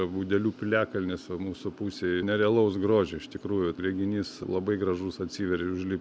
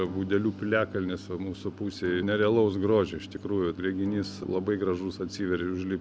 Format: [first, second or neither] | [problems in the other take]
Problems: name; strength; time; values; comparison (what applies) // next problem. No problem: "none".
first | background sound (Electric guitar / Strum); 16 dB below the speech